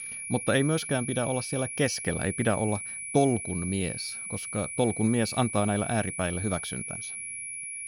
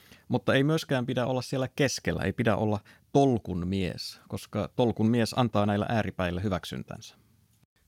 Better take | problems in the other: second | high-pitched whine; loud; throughout; 10.5 kHz, 6 dB below the speech

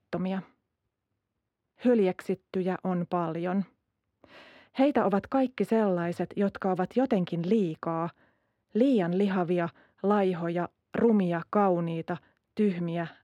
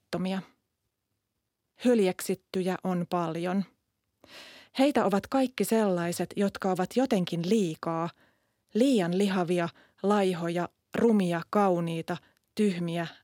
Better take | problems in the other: second | muffled; slightly; fading above 4 kHz

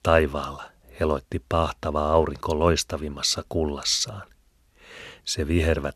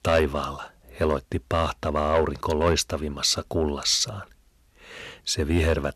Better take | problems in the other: first | distortion; slight; 10 dB below the speech

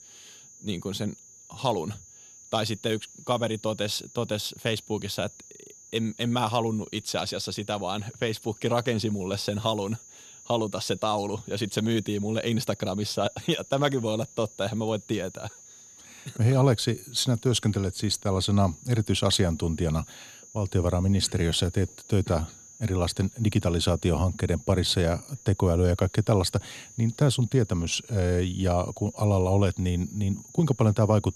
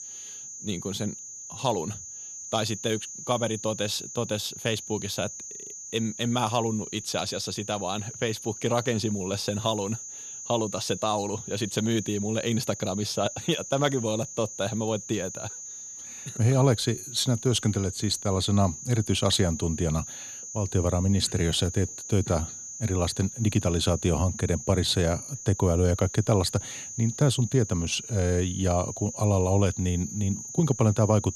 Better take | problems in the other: first | high-pitched whine; loud; throughout; 6.5 kHz, 10 dB below the speech; faint in the first

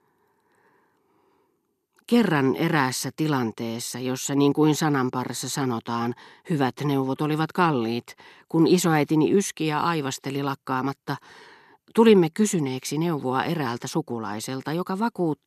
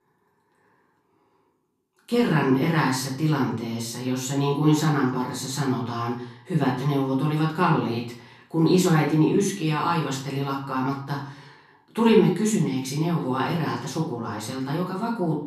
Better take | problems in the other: first | room echo; slight; dies away in 0.5 s // off-mic speech; far

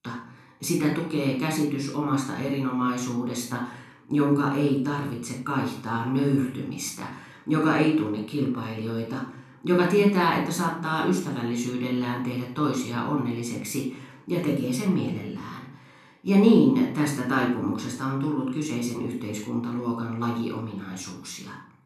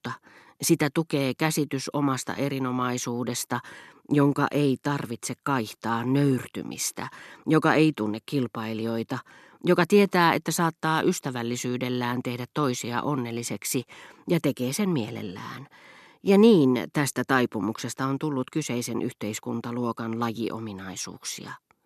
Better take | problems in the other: second | off-mic speech; somewhat distant // room echo; noticeable; dies away in 0.5 s

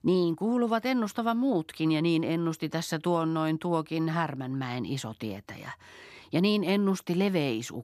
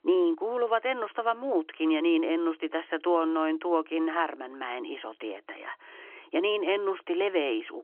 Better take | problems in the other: first | phone-call audio; nothing above 3.5 kHz

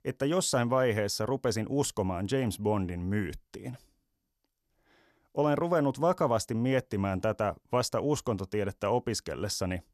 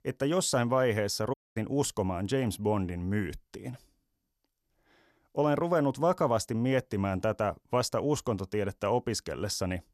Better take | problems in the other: first | audio cutting out; at 1.5 s

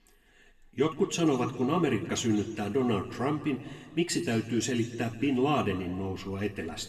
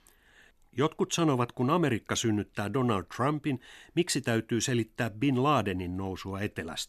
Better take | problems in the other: second | room echo; slight; dies away in 1.4 s // off-mic speech; somewhat distant

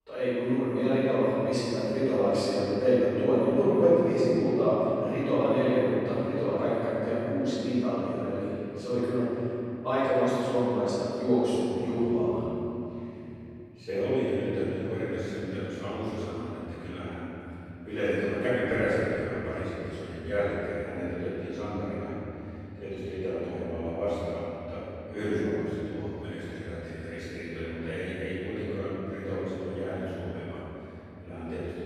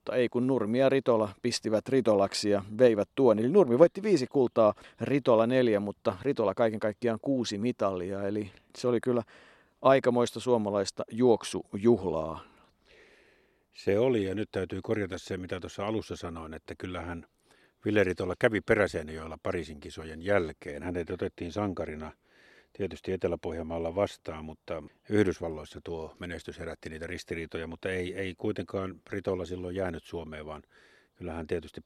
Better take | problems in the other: second | off-mic speech; far // room echo; strong; dies away in 3 s

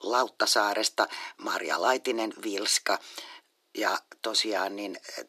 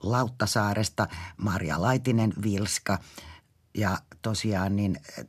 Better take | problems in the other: second | thin; very; fading below 350 Hz

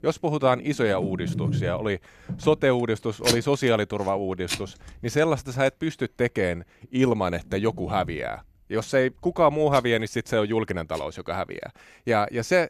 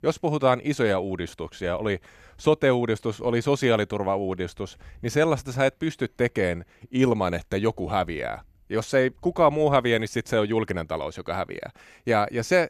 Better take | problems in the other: second | household noises; loud; throughout; 7 dB below the speech

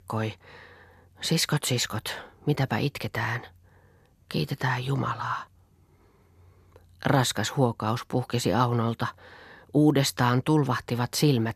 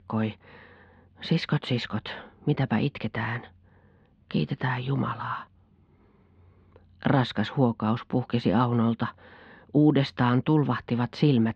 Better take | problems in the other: first | muffled; slightly; fading above 3.5 kHz

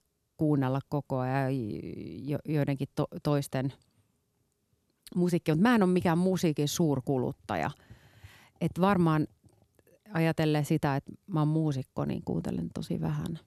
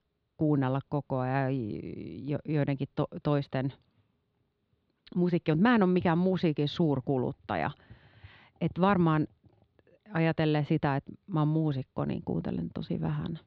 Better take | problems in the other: first | muffled; slightly; fading above 4 kHz

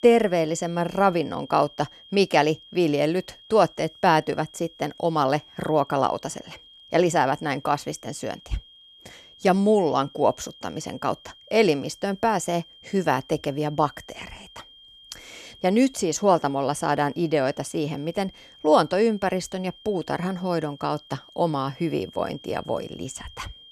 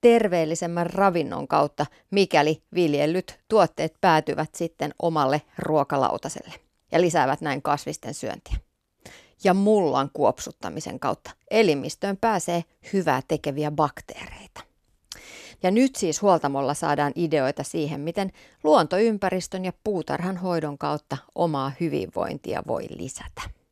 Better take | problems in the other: second | high-pitched whine; faint; throughout; 3 kHz, 25 dB below the speech

